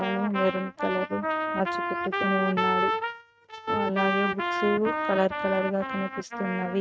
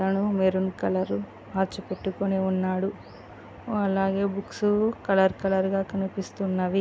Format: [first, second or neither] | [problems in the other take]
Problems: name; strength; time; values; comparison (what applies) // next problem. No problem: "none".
second | noise reduction (neural mask model RNNoise)